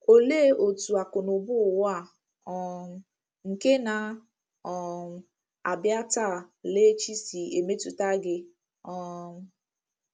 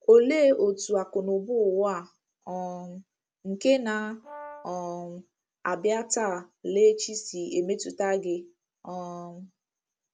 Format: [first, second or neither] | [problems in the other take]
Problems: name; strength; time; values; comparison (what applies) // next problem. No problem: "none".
first | background sound (Brass instrument); 18 dB below the speech